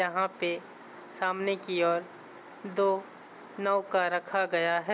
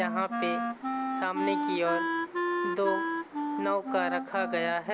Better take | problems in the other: first | background sound (Wind instrument, woodwind instrument); as loud as the speech

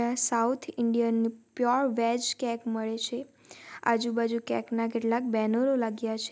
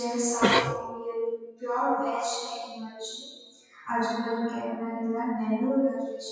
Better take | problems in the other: first | noise reduction (classical method WPE with log-MMSE)

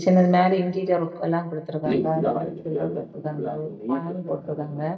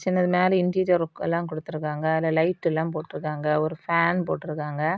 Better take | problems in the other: second | noise reduction (neural mask model DeepFilterNet 3)

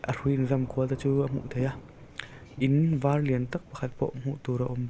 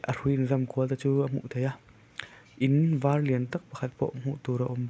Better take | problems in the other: second | background sound (Thunder / Rain); 16 dB below the speech

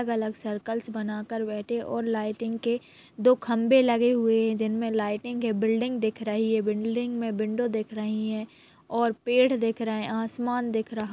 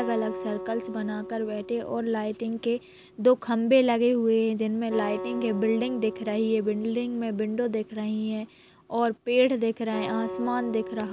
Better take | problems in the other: first | background sound (Acoustic guitar); 12 dB below the speech

